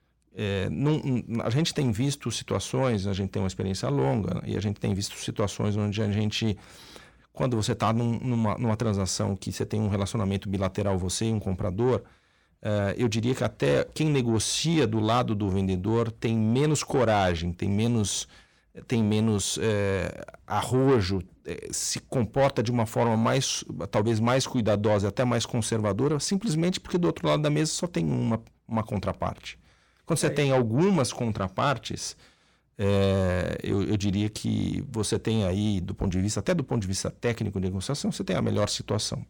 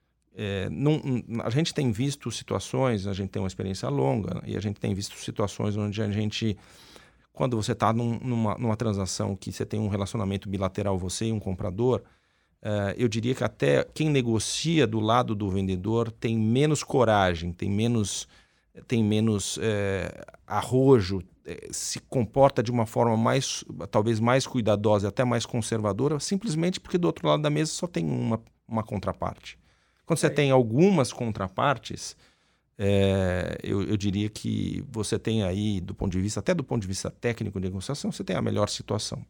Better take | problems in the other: second | distortion; slight; 10 dB below the speech

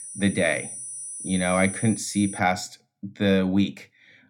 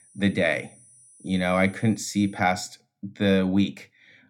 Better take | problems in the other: second | high-pitched whine; loud; until 2.5 s; 9.5 kHz, 9 dB below the speech; faint in the second

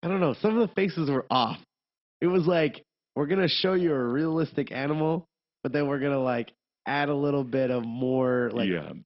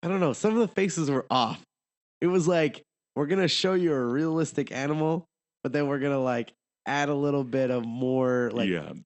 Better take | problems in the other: second | garbled, watery; badly; nothing above 5 kHz; slightly in the second

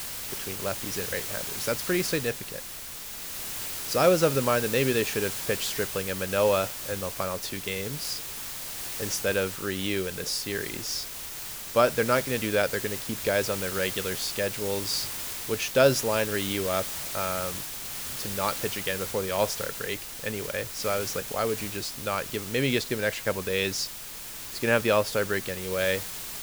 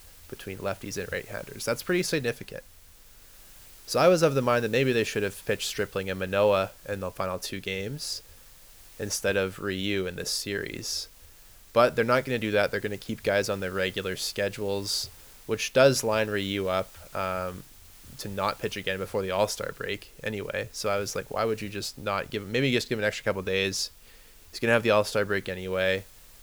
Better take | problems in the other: second | hiss; loud; throughout; 5 dB below the speech; faint in the second

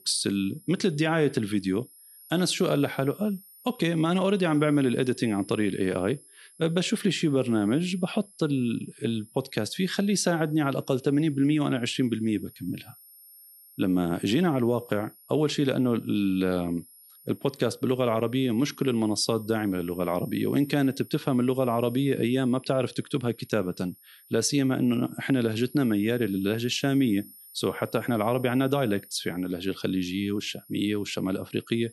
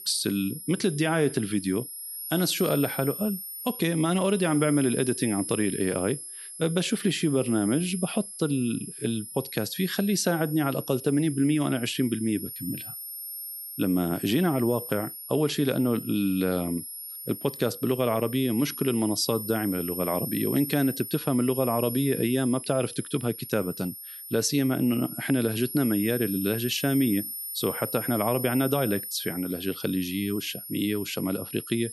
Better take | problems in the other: first | high-pitched whine; loud; throughout; 11.5 kHz, 8 dB below the speech; faint in the first

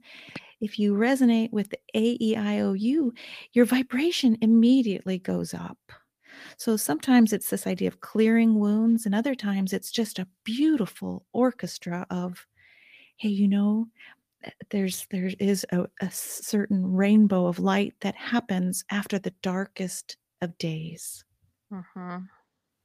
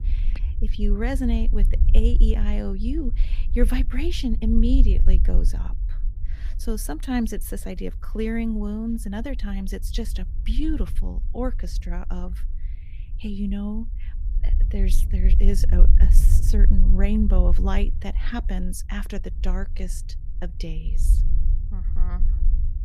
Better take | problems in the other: first | low rumble; noticeable; throughout; 15 dB below the speech

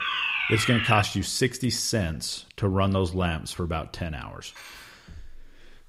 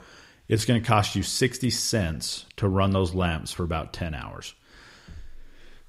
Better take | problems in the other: second | alarm; loud; until 1 s; peak 2 dB above the speech // clattering dishes; faint; at 4.5 s; peak 15 dB below the speech

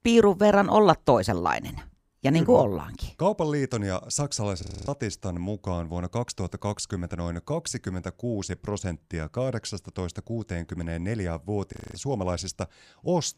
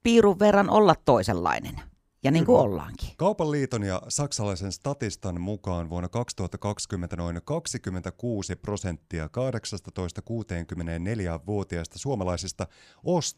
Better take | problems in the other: second | audio freezing; at 4.5 s and at 12 s

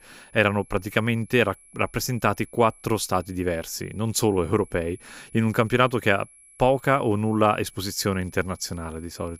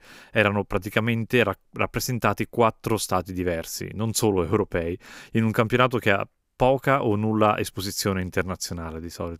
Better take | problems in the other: second | high-pitched whine; faint; throughout; 11 kHz, 25 dB below the speech

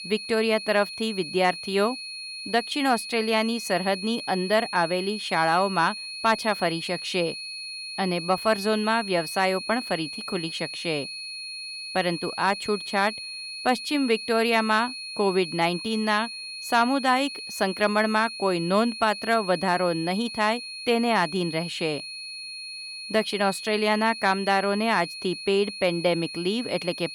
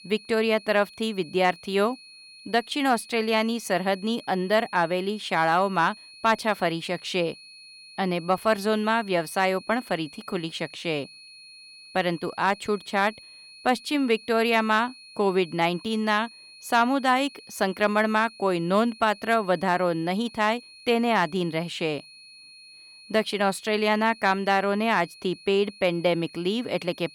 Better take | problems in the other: second | high-pitched whine; loud; throughout; 4.5 kHz, 9 dB below the speech; faint in the second

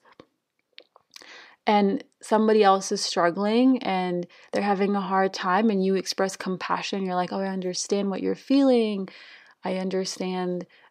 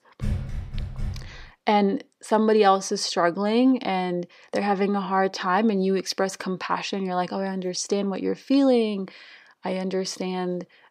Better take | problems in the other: first | door banging; noticeable; until 1.5 s; peak 6 dB below the speech

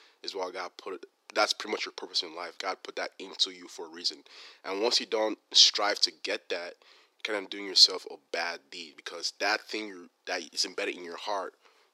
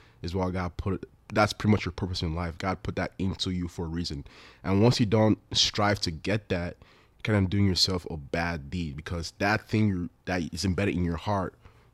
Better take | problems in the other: second | thin; very; fading below 350 Hz

